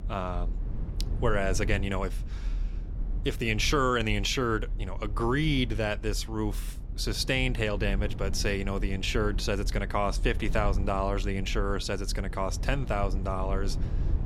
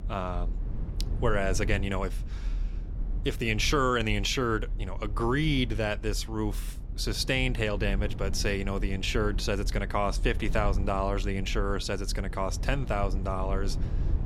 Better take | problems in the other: neither | low rumble; noticeable; throughout; 20 dB below the speech; the same in both

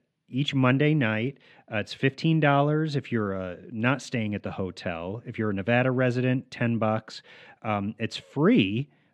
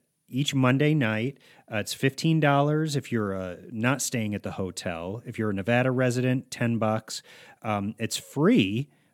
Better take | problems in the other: second | muffled; slightly; fading above 3 kHz

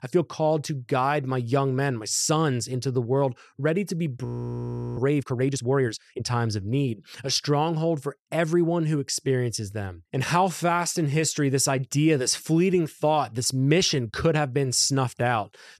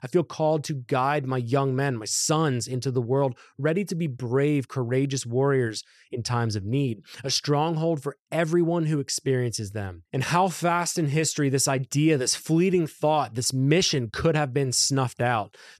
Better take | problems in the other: second | audio freezing; at 4.5 s for 0.5 s

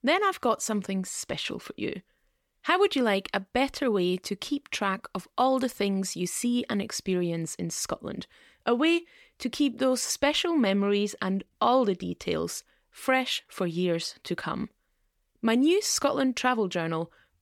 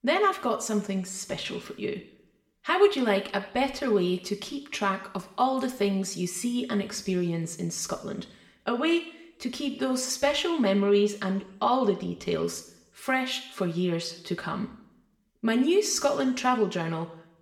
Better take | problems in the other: first | room echo; slight; dies away in 0.6 s

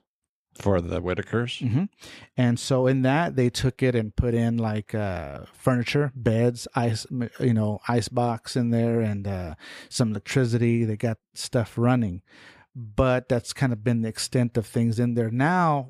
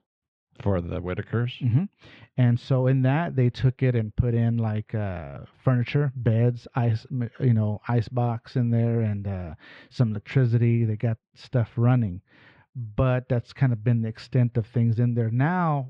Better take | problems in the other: first | muffled; slightly; fading above 3.5 kHz

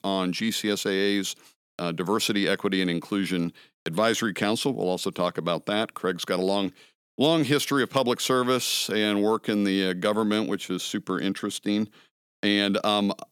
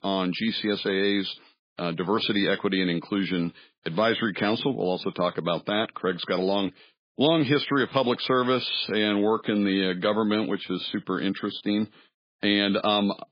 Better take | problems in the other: first | garbled, watery; badly; nothing above 4 kHz

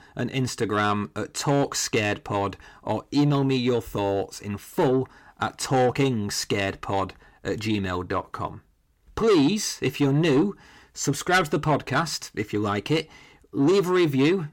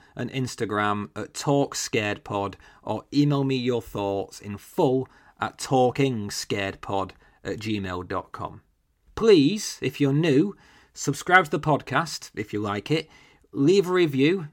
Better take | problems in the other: second | distortion; slight; 10 dB below the speech

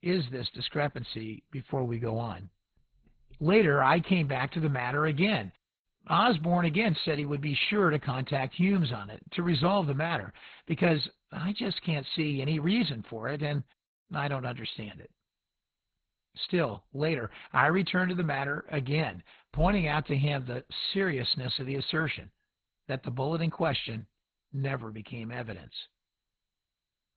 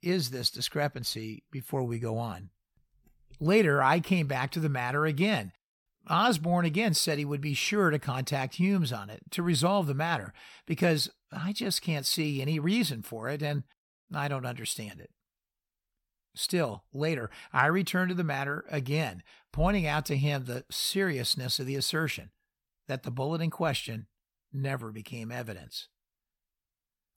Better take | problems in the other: second | garbled, watery; badly; nothing above 4 kHz

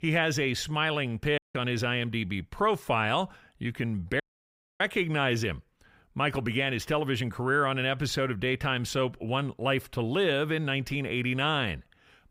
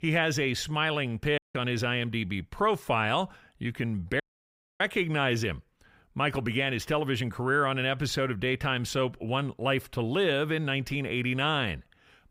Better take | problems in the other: neither | audio cutting out; at 1.5 s and at 4 s for 0.5 s; the same in both

